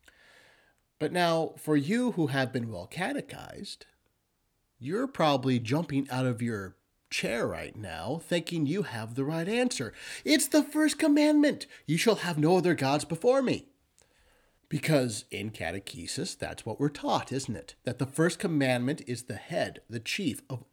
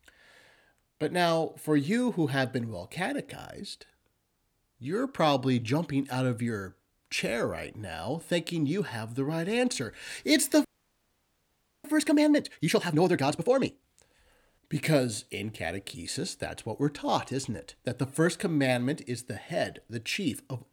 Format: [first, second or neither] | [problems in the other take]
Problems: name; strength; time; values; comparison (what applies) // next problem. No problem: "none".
first | audio freezing; at 11 s for 1 s